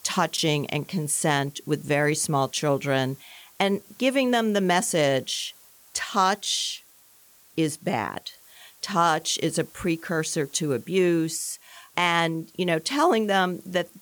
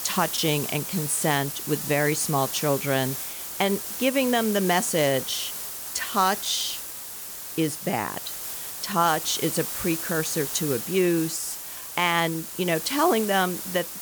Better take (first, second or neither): first